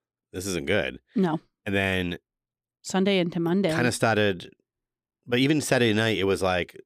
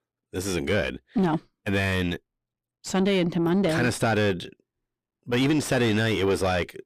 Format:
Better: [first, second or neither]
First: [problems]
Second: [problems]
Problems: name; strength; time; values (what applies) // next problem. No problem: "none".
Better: first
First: none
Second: distortion; slight; 9 dB below the speech